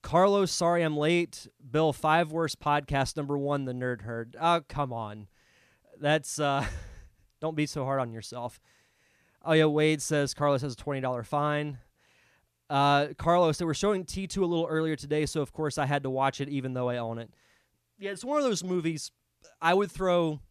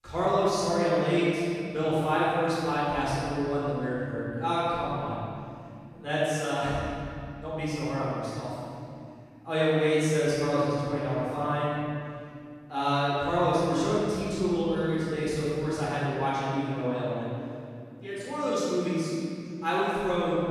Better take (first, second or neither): first